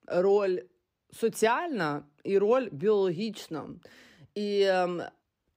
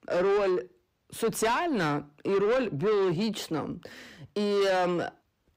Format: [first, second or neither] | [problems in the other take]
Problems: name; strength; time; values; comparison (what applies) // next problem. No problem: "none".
first | distortion; heavy; 8 dB below the speech